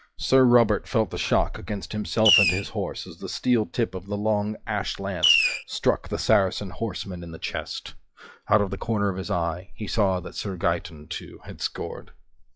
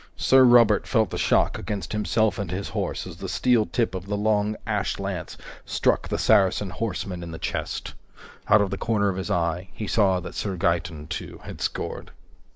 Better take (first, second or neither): second